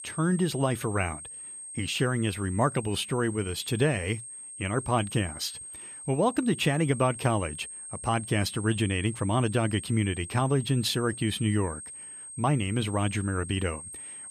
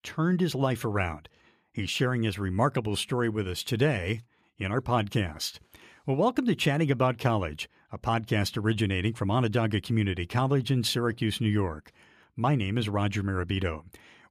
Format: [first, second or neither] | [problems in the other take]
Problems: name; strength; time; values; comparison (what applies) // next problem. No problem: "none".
second | high-pitched whine; noticeable; throughout; 8.5 kHz, 10 dB below the speech